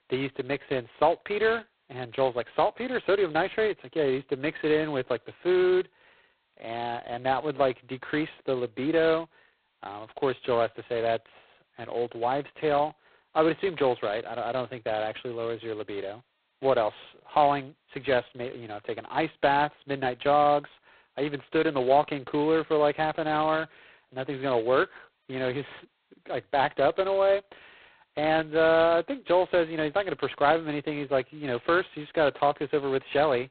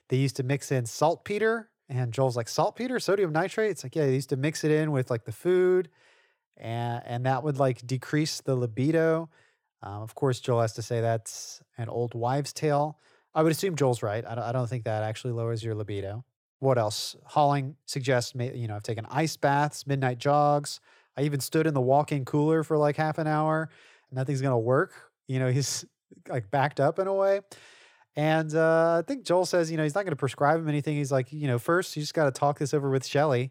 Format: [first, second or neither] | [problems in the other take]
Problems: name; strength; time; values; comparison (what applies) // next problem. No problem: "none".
second | phone-call audio; poor line; nothing above 4 kHz